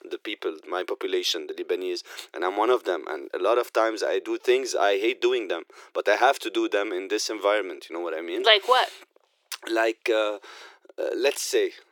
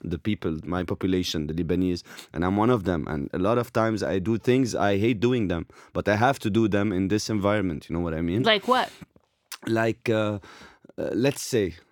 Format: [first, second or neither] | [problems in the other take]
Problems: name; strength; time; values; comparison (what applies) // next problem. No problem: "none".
second | thin; very; fading below 350 Hz